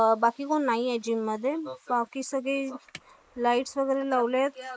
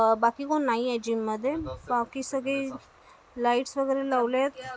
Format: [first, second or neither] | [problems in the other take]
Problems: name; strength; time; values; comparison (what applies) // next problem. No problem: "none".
second | noise reduction (neural mask model Resemble Enhance denoiser)